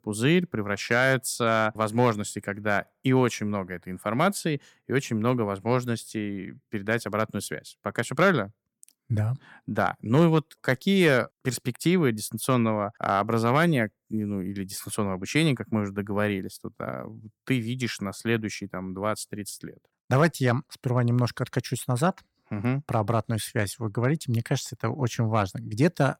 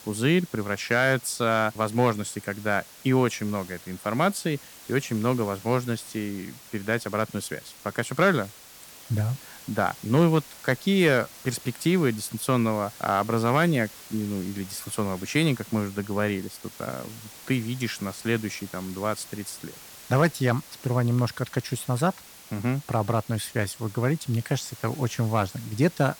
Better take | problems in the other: first | hiss; noticeable; throughout; 15 dB below the speech

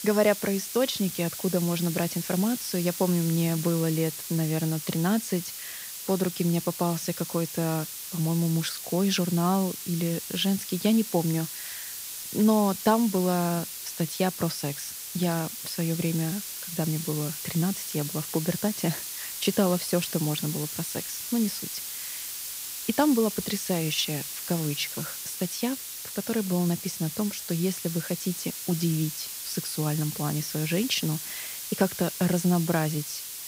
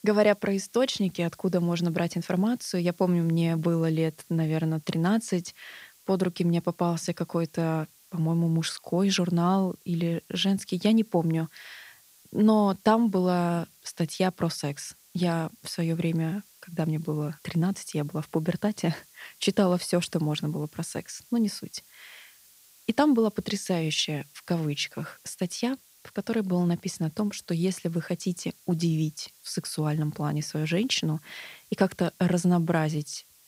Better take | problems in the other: second | hiss; loud; throughout; 6 dB below the speech; faint in the second

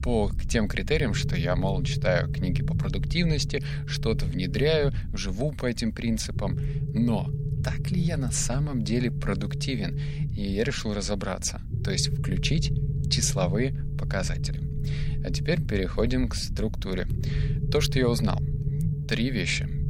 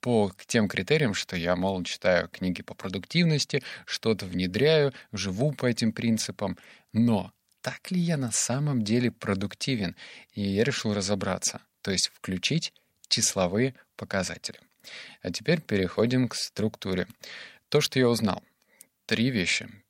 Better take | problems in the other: second | low rumble; noticeable; throughout; 10 dB below the speech

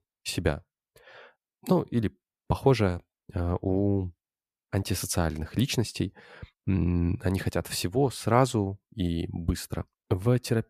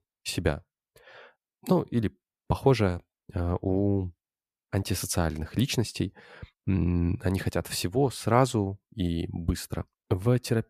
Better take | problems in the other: neither | none

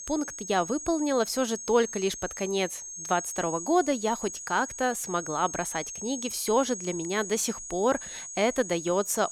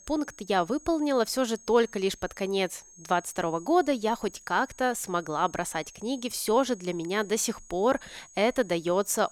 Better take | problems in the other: second | high-pitched whine; loud; throughout; 6.5 kHz, 8 dB below the speech; faint in the second

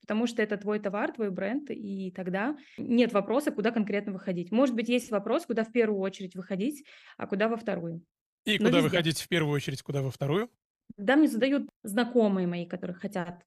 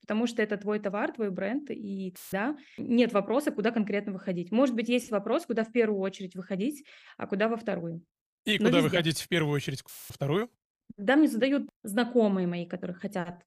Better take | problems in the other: first | audio cutting out; filled with static; at 2 s and at 10 s

